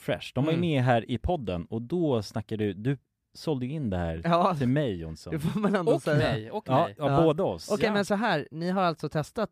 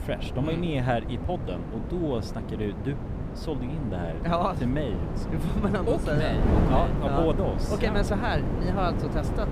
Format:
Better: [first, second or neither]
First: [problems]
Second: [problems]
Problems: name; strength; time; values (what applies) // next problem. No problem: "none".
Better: first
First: none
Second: wind noise on the microphone; heavy; 6 dB below the speech